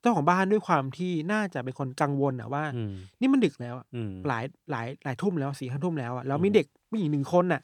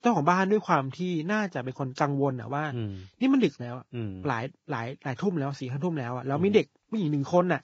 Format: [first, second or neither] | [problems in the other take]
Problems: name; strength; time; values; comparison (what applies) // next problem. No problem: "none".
first | garbled, watery; badly